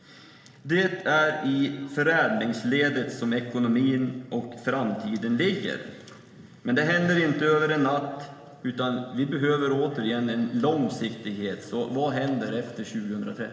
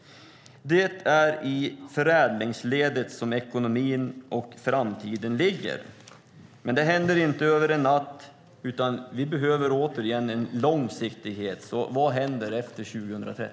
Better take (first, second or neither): second